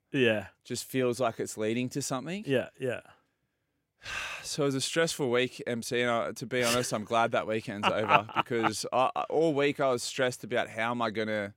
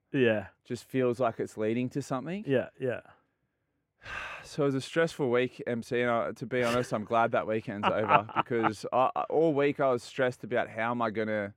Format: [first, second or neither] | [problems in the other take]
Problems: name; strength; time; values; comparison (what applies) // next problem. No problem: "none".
first | muffled; slightly; fading above 3 kHz